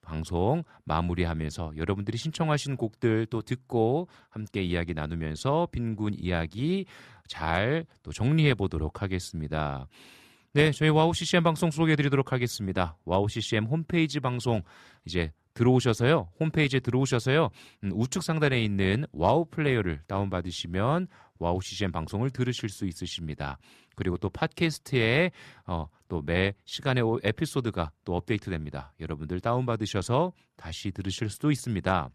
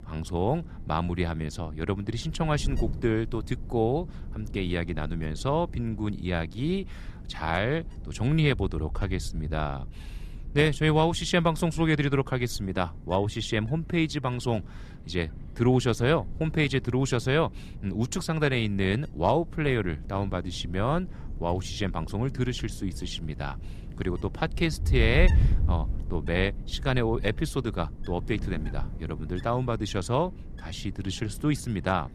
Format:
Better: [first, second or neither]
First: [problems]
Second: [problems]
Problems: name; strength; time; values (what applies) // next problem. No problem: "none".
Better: first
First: none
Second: wind noise on the microphone; occasional gusts; 20 dB below the speech